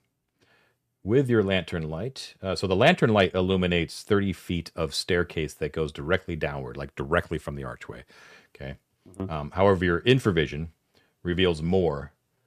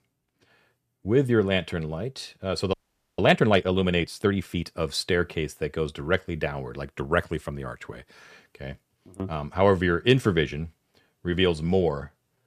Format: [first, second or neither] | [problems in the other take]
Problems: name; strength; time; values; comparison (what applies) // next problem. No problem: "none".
first | audio freezing; at 2.5 s